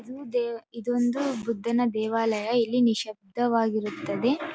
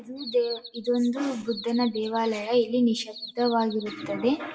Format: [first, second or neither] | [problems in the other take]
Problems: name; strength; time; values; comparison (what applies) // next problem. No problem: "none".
first | background sound (Bird vocalization, bird call, bird song); 16 dB below the speech // room echo; dies away in 0.6 s